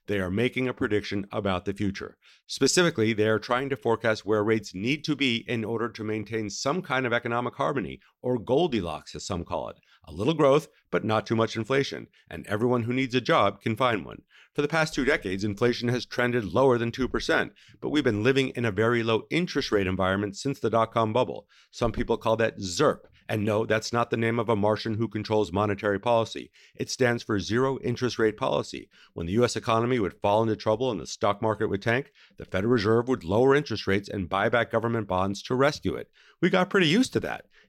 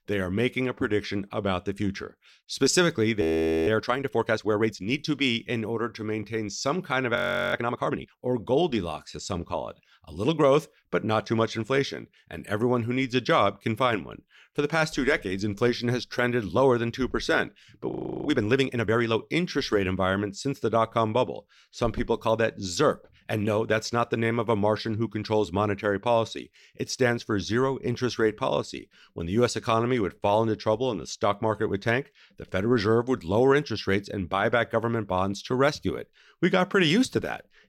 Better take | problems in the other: first | audio freezing; at 3 s, at 7 s and at 18 s

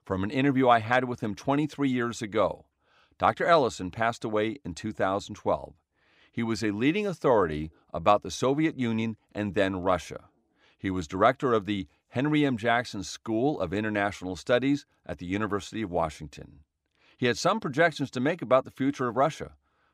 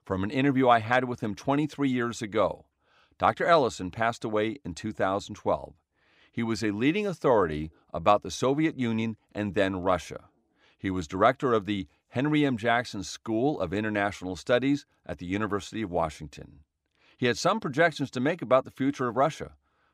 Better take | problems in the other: neither | none

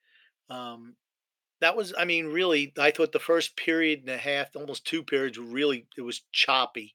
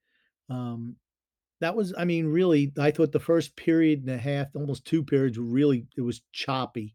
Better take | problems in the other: second | thin; somewhat; fading below 600 Hz

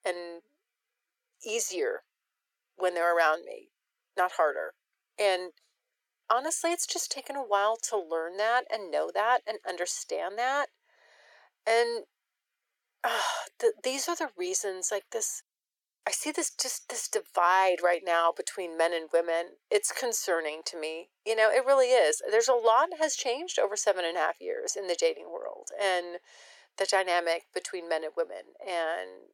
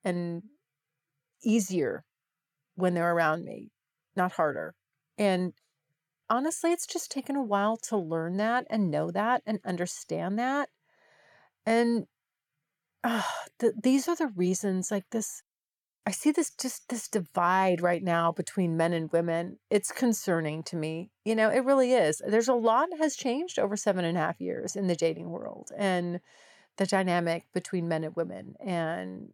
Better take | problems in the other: second | thin; very; fading below 400 Hz

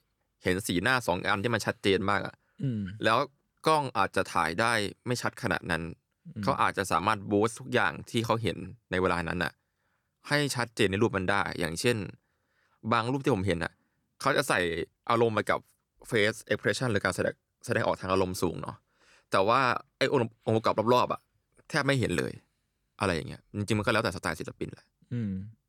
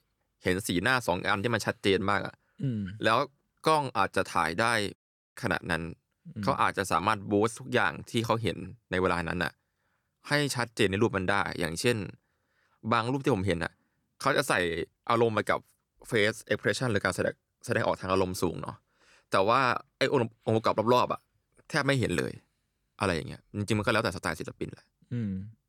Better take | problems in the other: first | audio cutting out; at 5 s

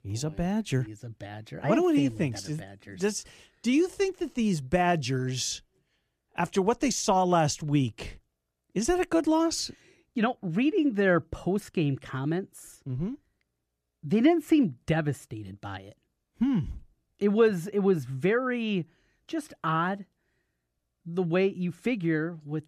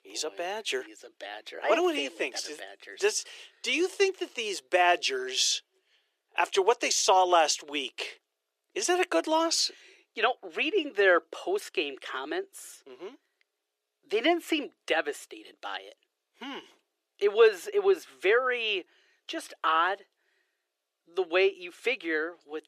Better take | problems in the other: first | thin; very; fading below 400 Hz

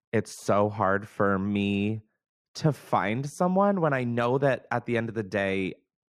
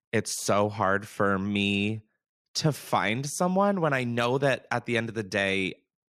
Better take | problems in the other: second | muffled; slightly; fading above 2 kHz

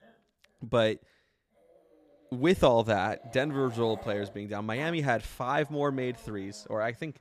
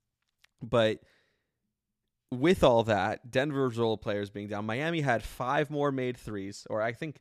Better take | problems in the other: second | animal sounds; faint; throughout; 20 dB below the speech

